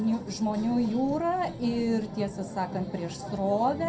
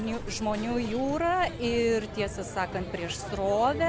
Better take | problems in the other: second | room echo; dies away in 0.2 s

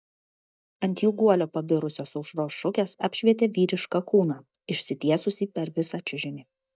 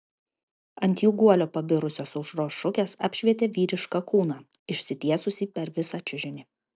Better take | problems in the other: second | noise reduction (neural mask model DeepFilterNet 3)

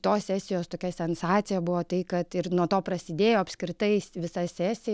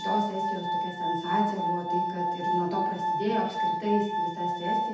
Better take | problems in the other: first | background sound (Glass); 2 dB above the speech // room echo; dies away in 0.8 s

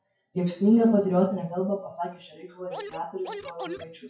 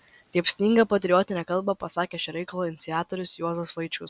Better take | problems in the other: second | noise reduction (classical method WPE with log-MMSE)

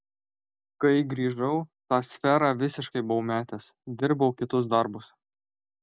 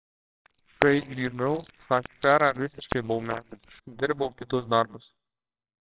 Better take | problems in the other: first | noise reduction (neural separator model SepFormer WHAMR!)

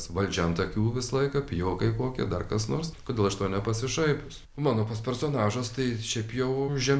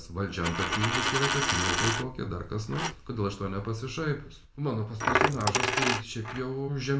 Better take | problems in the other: first | background sound (Coin (dropping)); as loud as the speech // room echo; dies away in 0.2 s

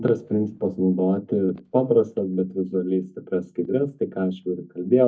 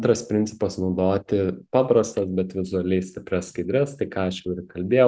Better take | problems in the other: second | noise reduction (neural mask model DeepFilterNet 3)

